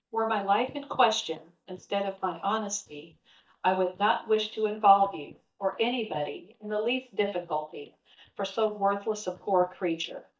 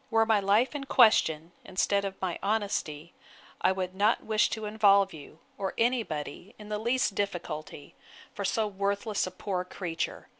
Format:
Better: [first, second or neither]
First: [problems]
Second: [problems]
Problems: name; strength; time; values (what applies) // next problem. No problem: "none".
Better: second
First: noise reduction (neural mask model DeepFilterNet 3)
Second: none